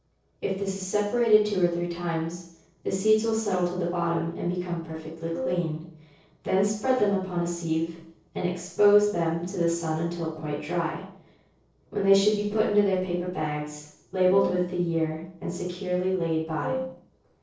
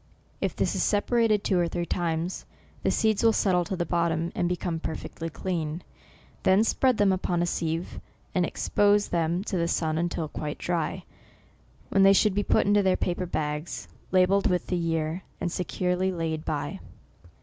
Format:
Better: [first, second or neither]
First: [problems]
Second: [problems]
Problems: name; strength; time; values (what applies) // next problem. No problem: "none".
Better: second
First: noise reduction (neural separator model SepFormer DNS4)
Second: none